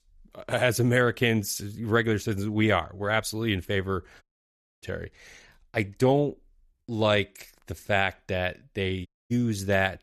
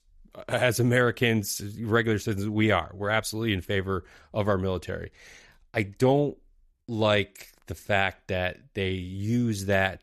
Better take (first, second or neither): second